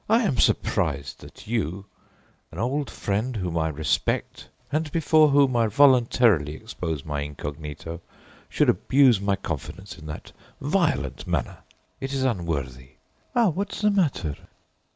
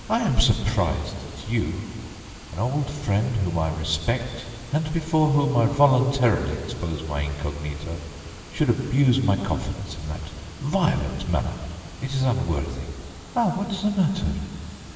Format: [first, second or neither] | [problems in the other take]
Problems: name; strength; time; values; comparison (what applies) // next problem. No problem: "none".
first | background sound (Water); 16 dB below the speech // room echo; dies away in 2.9 s